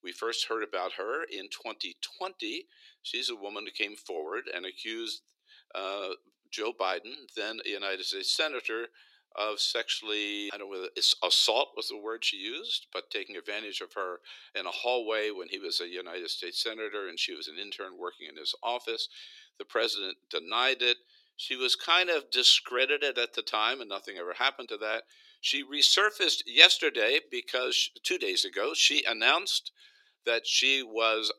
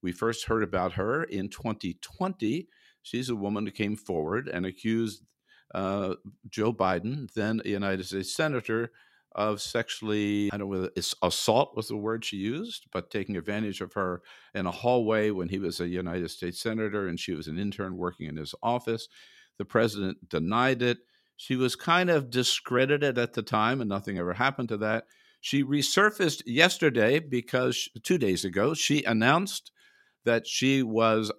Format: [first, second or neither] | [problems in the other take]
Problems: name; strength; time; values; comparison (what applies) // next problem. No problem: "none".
second | thin; very; fading below 350 Hz